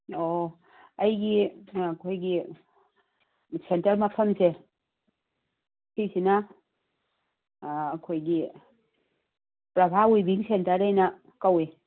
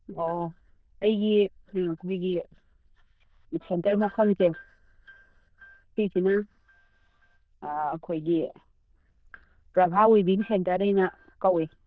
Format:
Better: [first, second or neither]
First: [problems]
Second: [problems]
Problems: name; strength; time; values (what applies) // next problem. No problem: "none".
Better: first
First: none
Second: noise reduction (neural diffusion model UNIVERSE++)